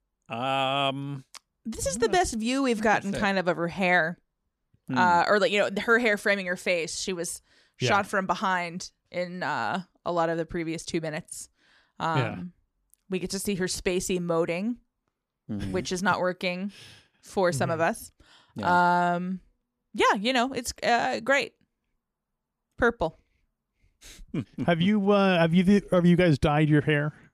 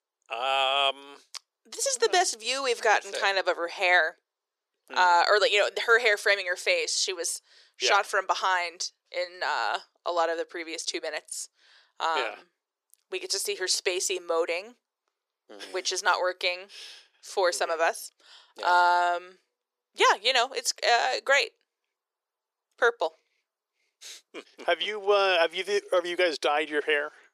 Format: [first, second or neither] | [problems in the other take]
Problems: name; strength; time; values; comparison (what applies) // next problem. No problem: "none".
first | thin; very; fading below 400 Hz